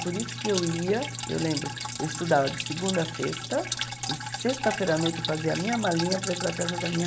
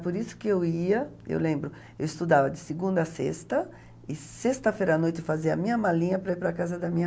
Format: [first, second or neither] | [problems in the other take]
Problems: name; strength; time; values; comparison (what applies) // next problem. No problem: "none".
second | background sound (Drip); 5 dB below the speech